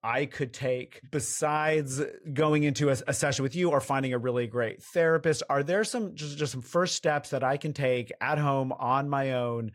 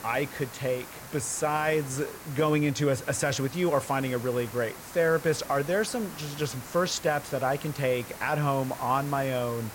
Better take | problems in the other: first | hiss; noticeable; throughout; 15 dB below the speech

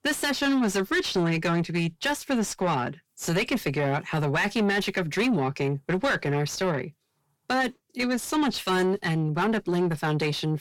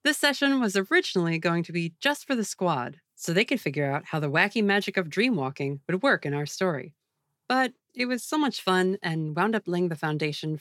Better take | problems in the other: second | distortion; heavy; 7 dB below the speech

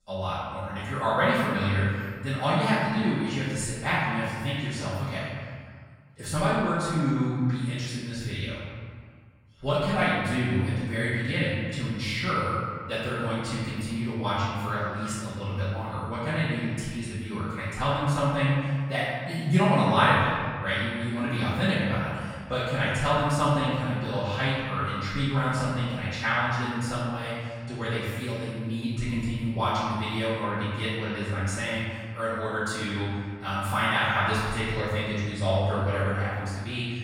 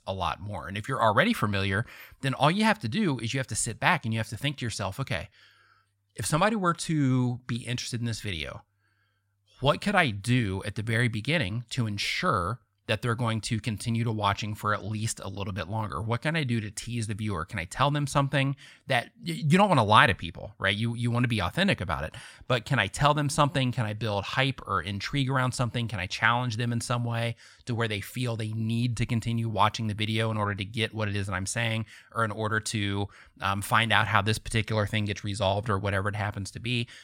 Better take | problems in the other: second | off-mic speech; far // room echo; strong; dies away in 1.7 s

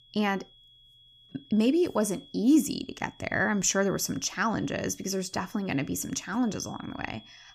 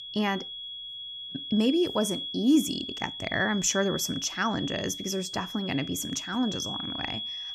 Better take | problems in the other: first | high-pitched whine; loud; throughout; 3.5 kHz, 6 dB below the speech; faint in the first

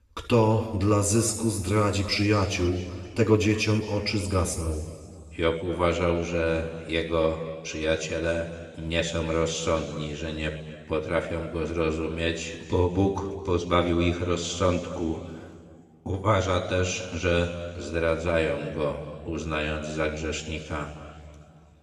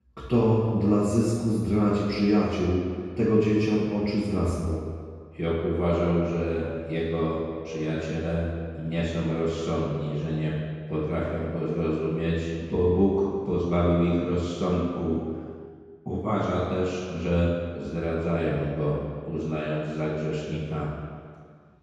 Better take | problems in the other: first | room echo; strong; dies away in 2 s; slight in the first // off-mic speech; far; somewhat distant in the first

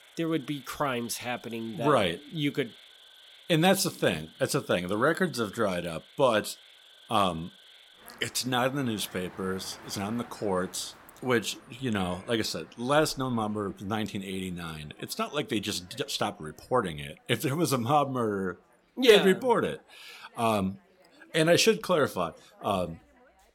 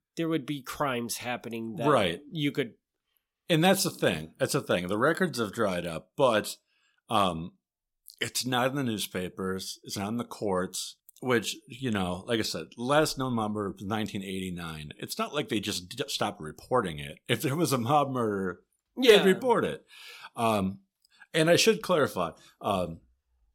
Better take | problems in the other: second | animal sounds; faint; throughout; 25 dB below the speech

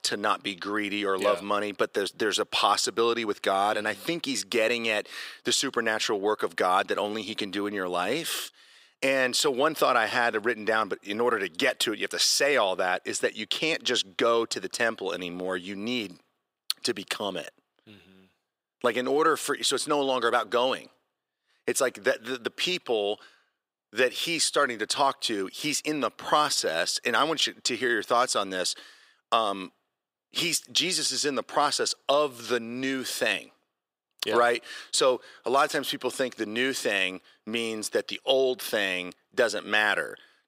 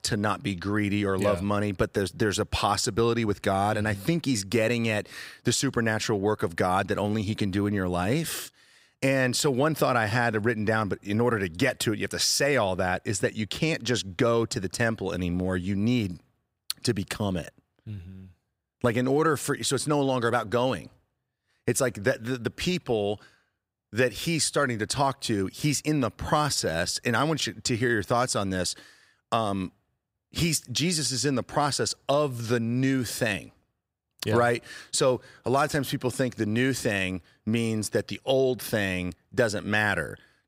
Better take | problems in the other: second | thin; somewhat; fading below 400 Hz

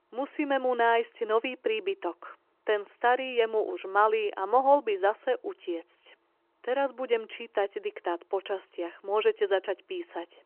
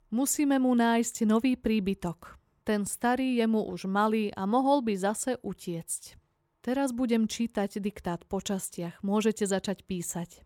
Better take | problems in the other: second | phone-call audio

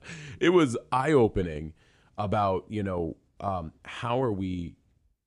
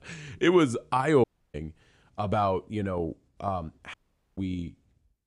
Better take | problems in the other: first | audio cutting out; at 1 s and at 4 s

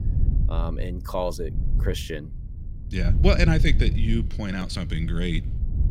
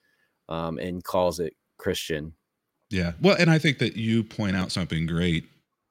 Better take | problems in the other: second | wind noise on the microphone; occasional gusts; 10 dB below the speech

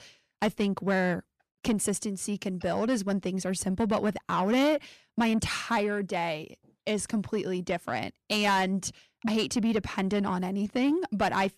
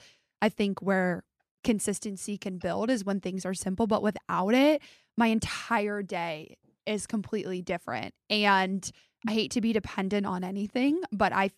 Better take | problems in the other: second | distortion; slight; 10 dB below the speech

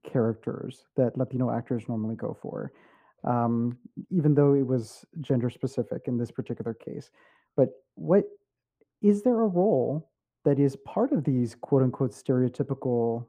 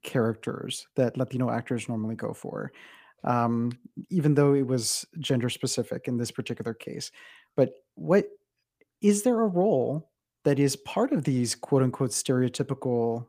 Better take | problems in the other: second | muffled; very; fading above 2 kHz

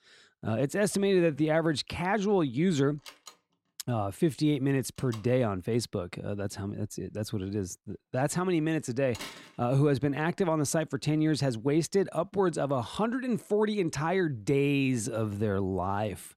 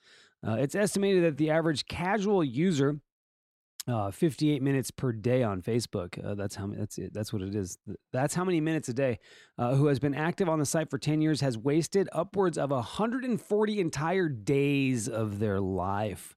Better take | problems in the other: second | door banging; faint; from 3 to 9.5 s; peak 10 dB below the speech

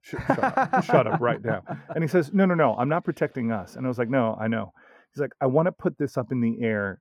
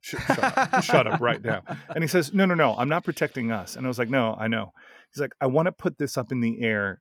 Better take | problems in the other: second | muffled; slightly; fading above 2 kHz

